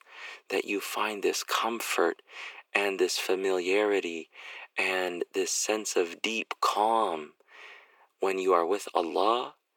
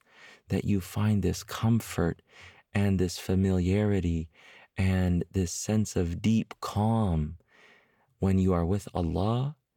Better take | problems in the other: second | thin; very; fading below 350 Hz

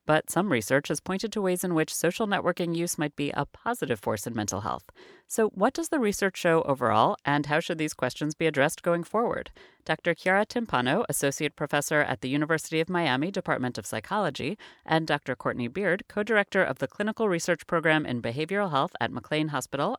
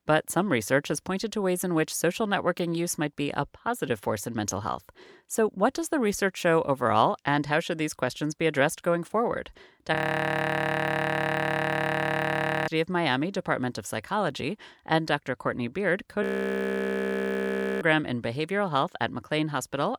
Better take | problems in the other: first | audio freezing; at 10 s for 2.5 s and at 16 s for 1.5 s

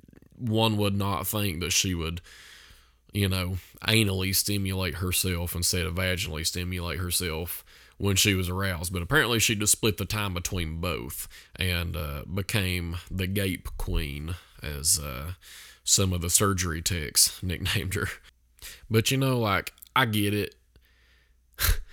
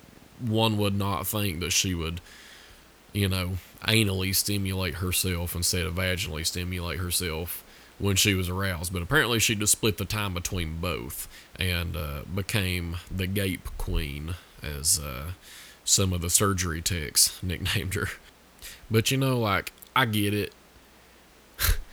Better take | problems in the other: first | hiss; faint; throughout; 30 dB below the speech

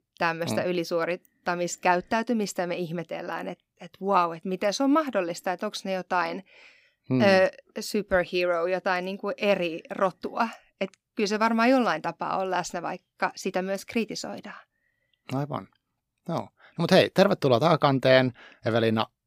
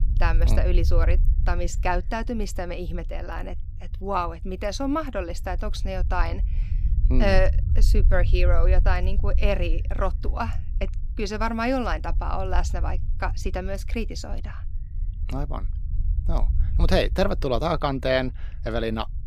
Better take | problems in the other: first | low rumble; noticeable; throughout; 20 dB below the speech

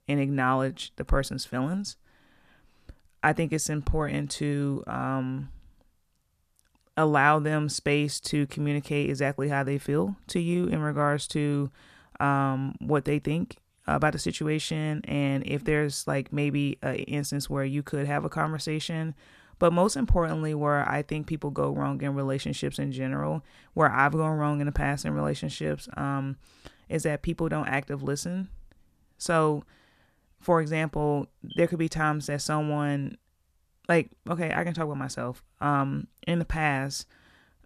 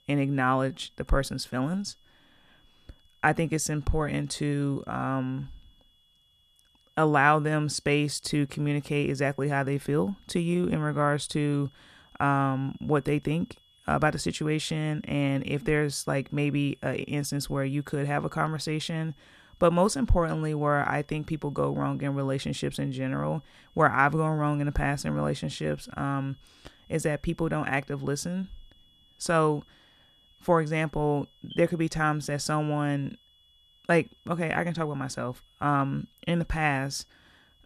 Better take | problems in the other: first | high-pitched whine; faint; throughout; 3.5 kHz, 35 dB below the speech

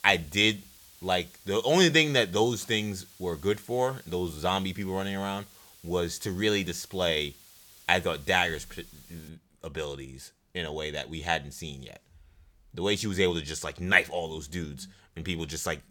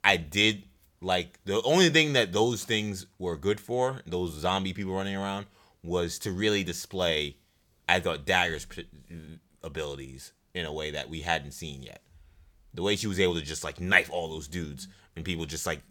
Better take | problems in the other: second | hiss; faint; until 9.5 s; 25 dB below the speech

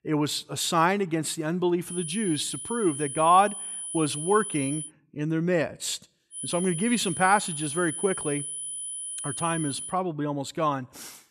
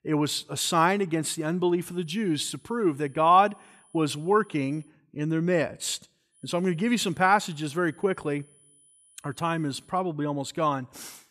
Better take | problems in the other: second | high-pitched whine; loud; from 2 to 5 s and from 6.5 to 10 s; 10 kHz, 6 dB below the speech; faint in the second

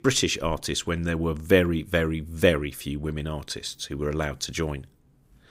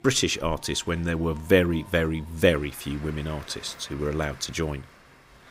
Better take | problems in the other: first | crowd noise; faint; throughout; 20 dB below the speech

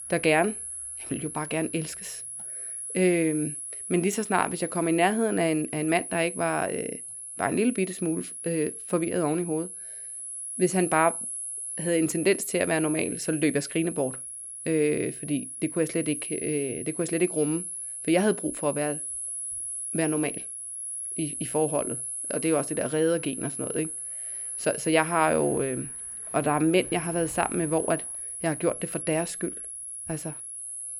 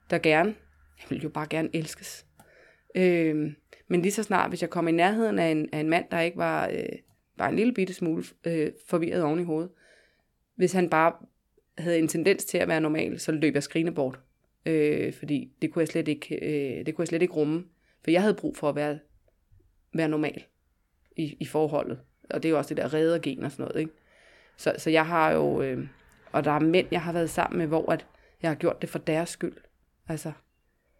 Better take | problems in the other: second | high-pitched whine; loud; throughout; 10.5 kHz, 6 dB below the speech

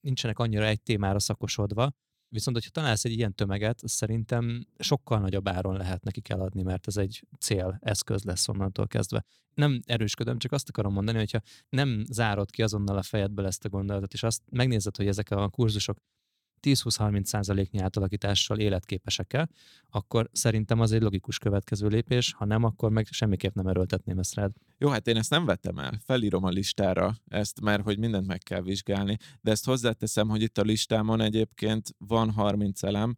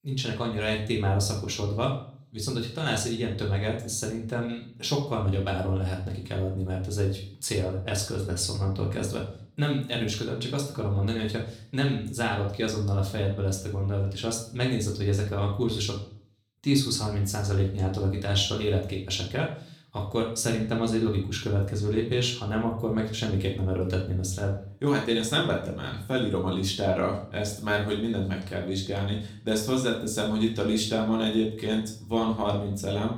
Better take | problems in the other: first | room echo; slight; dies away in 0.4 s // off-mic speech; far

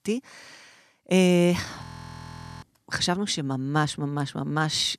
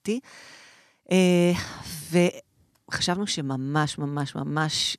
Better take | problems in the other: second | audio freezing; at 2 s for 1 s

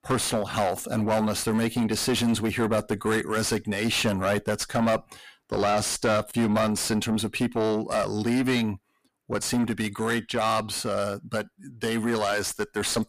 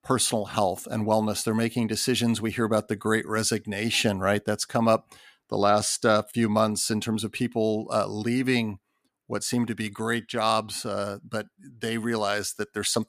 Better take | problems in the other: second | distortion; heavy; 6 dB below the speech

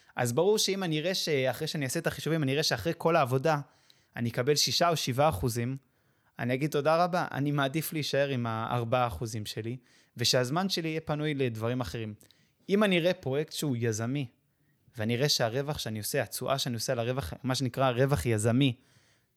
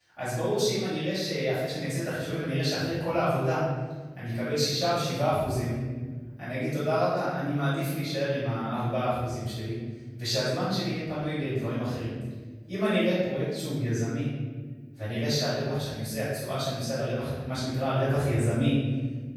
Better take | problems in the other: first | off-mic speech; far // room echo; strong; dies away in 1.6 s

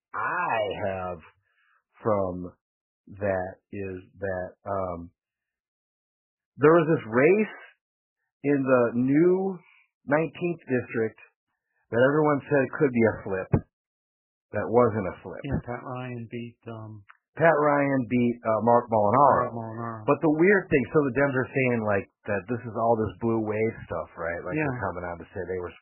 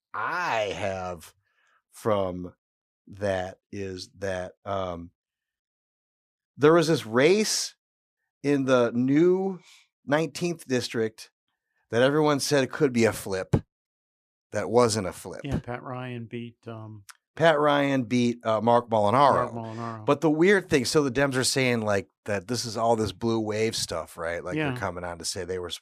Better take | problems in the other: second | garbled, watery; badly; nothing above 3 kHz

